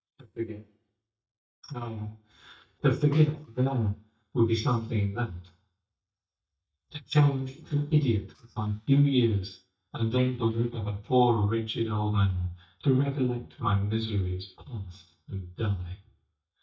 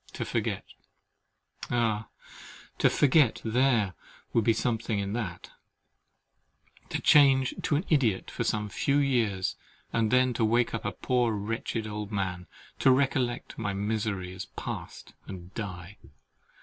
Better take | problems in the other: second | noise reduction (neural mask model DeepFilterNet 3)

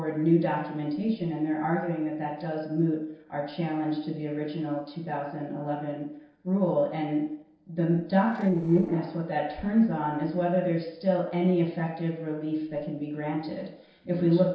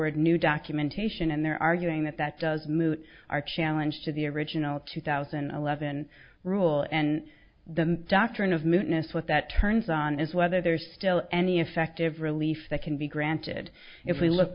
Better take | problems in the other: second | noise reduction (neural separator model SepFormer DNS4)

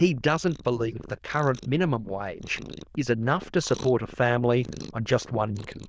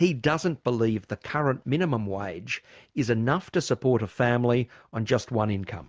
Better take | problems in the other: second | noise reduction (neural diffusion model UNIVERSE++)

